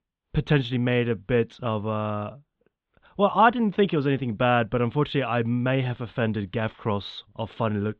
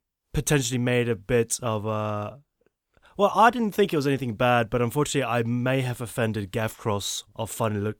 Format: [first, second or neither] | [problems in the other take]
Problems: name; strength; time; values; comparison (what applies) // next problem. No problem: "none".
second | muffled; very; fading above 3.5 kHz